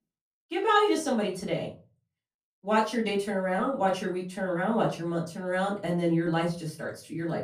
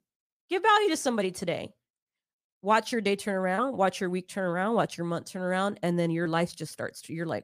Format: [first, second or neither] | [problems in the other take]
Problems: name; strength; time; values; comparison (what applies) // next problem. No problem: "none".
second | off-mic speech; far // room echo; slight; dies away in 0.3 s